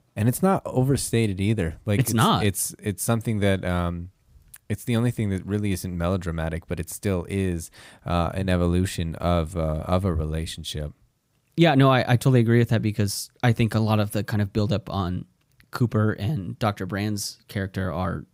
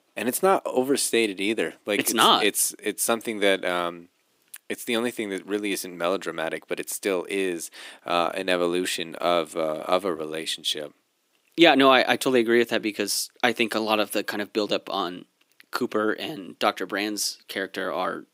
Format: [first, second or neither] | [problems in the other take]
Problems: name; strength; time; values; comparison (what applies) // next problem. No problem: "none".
first | thin; somewhat; fading below 300 Hz